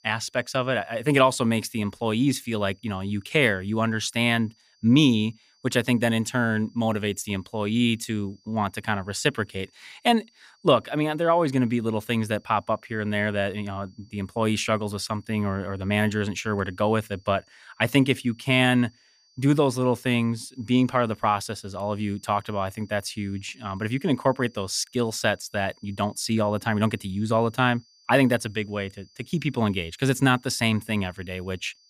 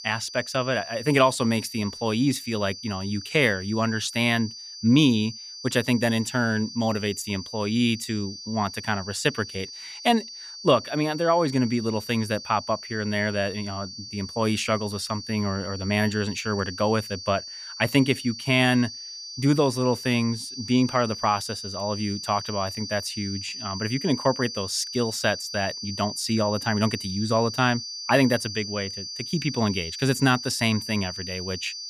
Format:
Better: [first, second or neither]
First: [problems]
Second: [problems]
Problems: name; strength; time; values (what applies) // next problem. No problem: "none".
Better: first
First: high-pitched whine; faint; throughout; 4.5 kHz, 35 dB below the speech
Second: high-pitched whine; loud; throughout; 4.5 kHz, 10 dB below the speech